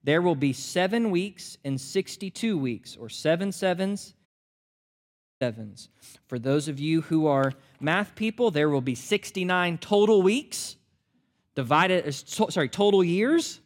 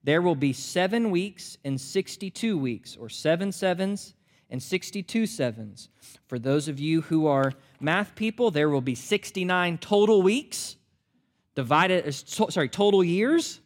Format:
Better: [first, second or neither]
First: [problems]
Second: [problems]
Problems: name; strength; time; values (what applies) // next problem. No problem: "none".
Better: second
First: audio cutting out; at 4.5 s for 1 s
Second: none